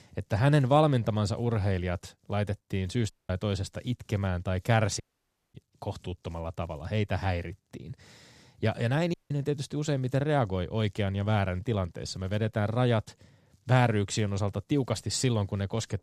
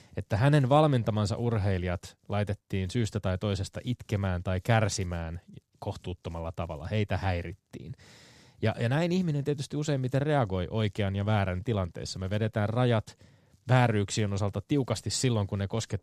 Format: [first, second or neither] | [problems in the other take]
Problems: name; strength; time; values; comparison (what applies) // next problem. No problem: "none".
second | audio cutting out; at 3 s, at 5 s for 0.5 s and at 9 s